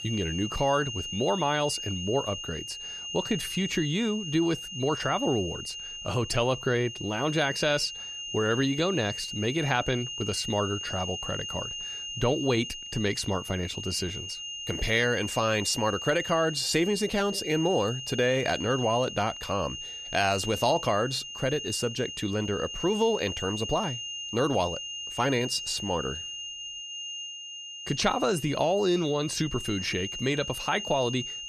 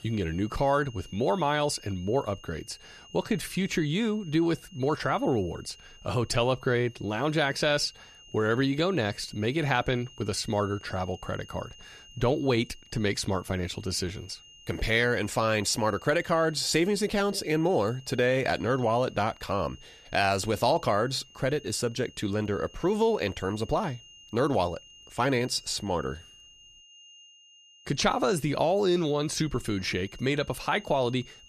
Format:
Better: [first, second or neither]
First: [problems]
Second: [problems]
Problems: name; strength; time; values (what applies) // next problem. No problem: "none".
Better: second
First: high-pitched whine; loud; throughout; 3 kHz, 7 dB below the speech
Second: high-pitched whine; faint; throughout; 3 kHz, 25 dB below the speech